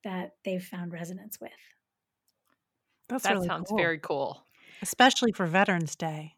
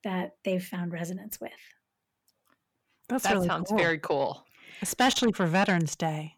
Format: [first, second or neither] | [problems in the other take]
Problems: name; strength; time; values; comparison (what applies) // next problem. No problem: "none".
first | distortion; heavy; 8 dB below the speech